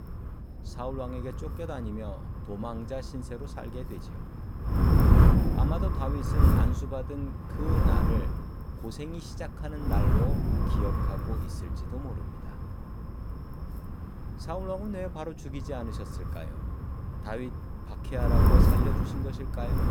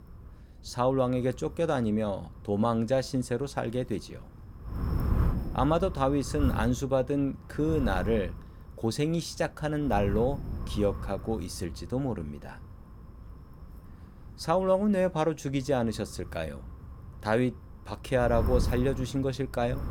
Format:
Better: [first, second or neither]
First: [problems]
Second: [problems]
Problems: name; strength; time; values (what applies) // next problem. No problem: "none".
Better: second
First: wind noise on the microphone; heavy; 3 dB above the speech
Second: wind noise on the microphone; occasional gusts; 15 dB below the speech